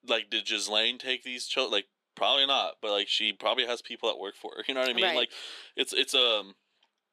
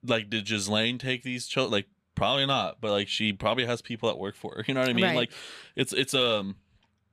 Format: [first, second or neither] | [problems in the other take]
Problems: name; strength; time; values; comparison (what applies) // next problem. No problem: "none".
second | thin; somewhat; fading below 300 Hz